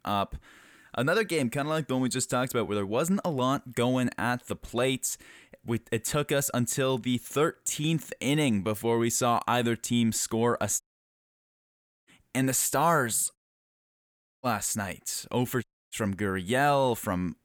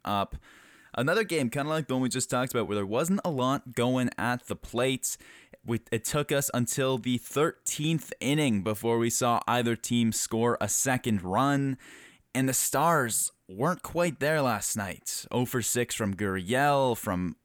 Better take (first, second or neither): second